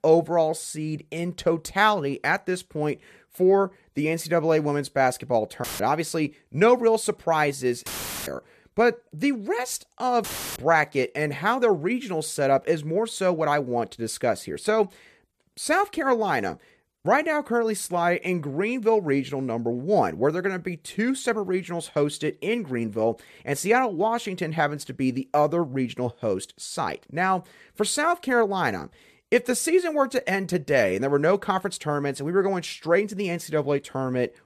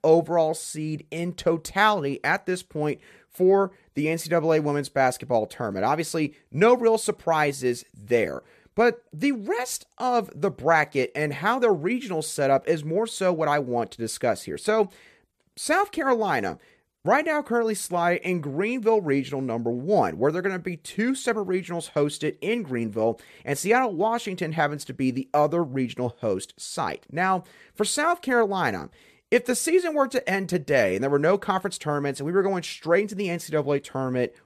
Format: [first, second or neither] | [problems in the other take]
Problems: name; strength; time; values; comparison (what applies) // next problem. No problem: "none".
second | audio cutting out; filled with static; at 5.5 s, at 8 s and at 10 s